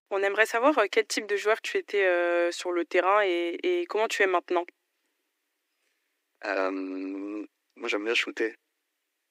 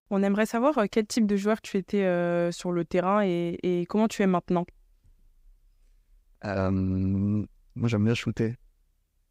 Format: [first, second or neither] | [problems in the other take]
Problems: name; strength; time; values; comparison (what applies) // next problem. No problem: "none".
second | thin; very; fading below 300 Hz